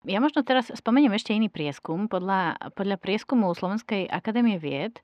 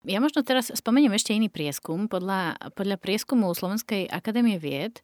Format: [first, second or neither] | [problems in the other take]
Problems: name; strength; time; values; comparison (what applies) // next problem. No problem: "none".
second | muffled; slightly; fading above 2.5 kHz